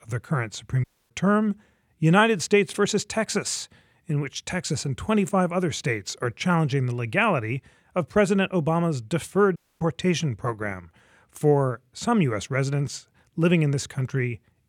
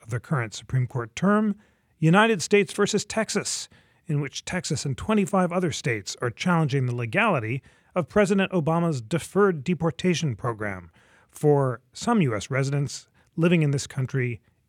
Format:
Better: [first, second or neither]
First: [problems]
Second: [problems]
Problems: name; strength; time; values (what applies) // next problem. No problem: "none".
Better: second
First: audio cutting out; at 1 s and at 9.5 s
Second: none